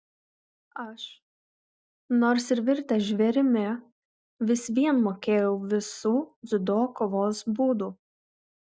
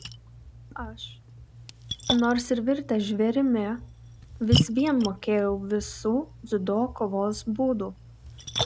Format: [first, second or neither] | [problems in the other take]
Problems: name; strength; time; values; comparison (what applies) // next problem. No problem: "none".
first | background sound (Splash, splatter); 6 dB below the speech